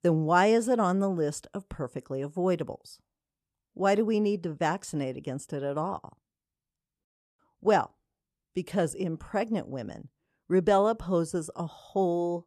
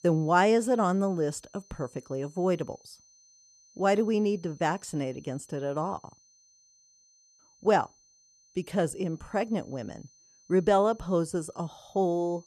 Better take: first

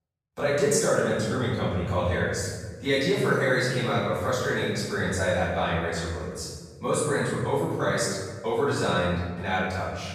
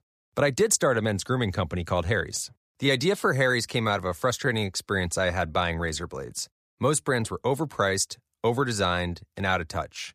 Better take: second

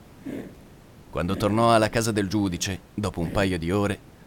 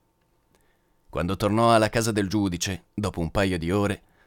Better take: second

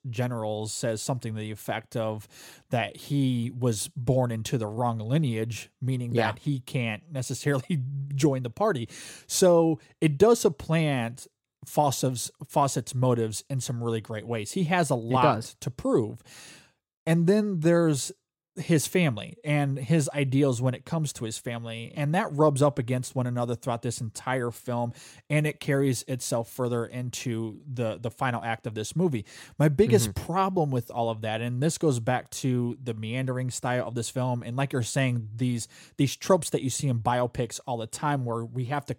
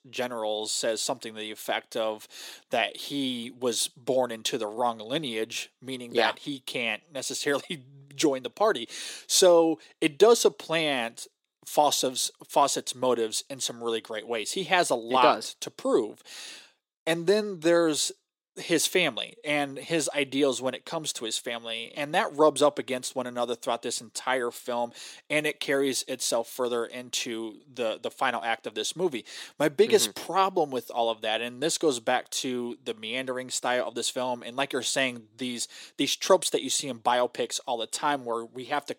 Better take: first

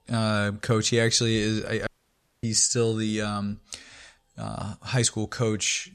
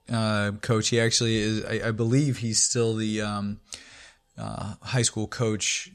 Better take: second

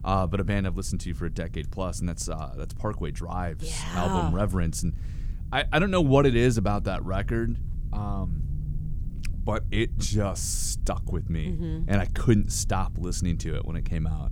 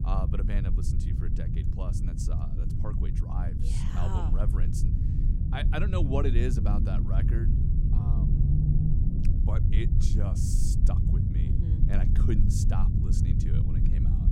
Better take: first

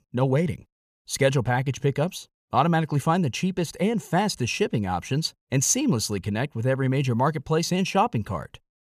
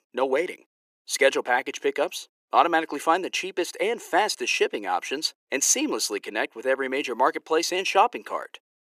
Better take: first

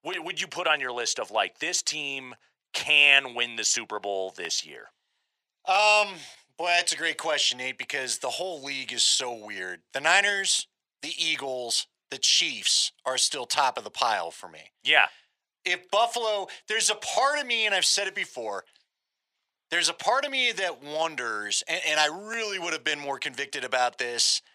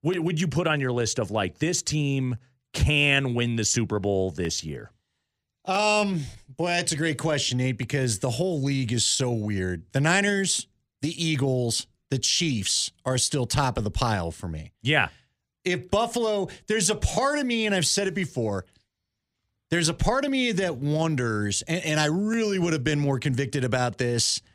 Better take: second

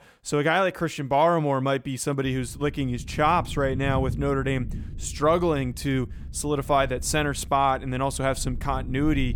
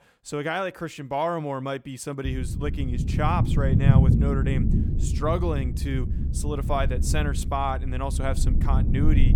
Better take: first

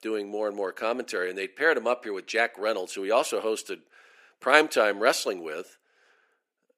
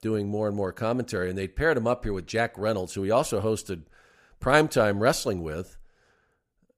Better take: second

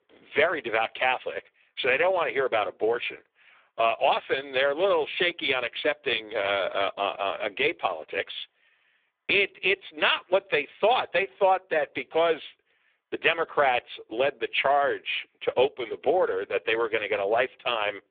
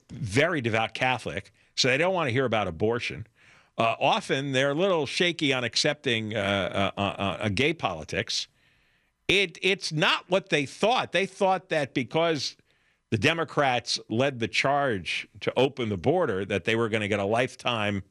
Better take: second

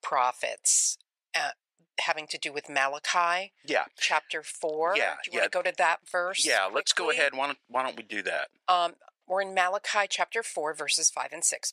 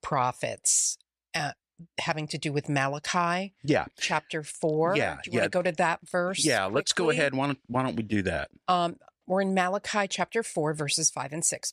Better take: second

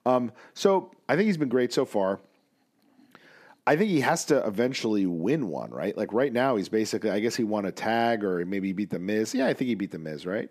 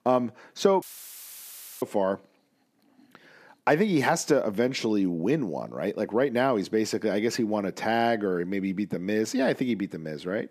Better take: first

